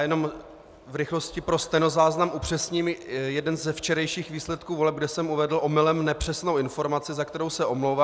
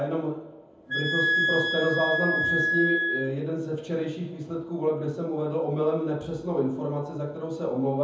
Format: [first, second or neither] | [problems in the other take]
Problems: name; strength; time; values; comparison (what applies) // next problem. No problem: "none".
first | background sound (Wind instrument, woodwind instrument); 2 dB above the speech // room echo; dies away in 0.7 s